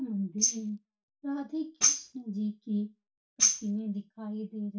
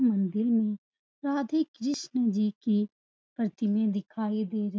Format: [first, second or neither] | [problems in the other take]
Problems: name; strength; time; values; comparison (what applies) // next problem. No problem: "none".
second | noise reduction (neural mask model DeepFilterNet 3)